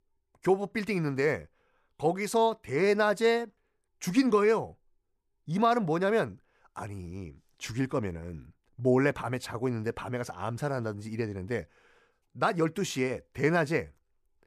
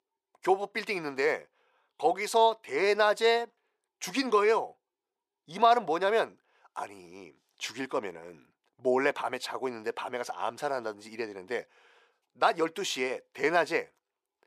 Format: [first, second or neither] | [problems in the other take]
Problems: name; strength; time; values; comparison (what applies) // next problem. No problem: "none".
first | thin; somewhat; fading below 450 Hz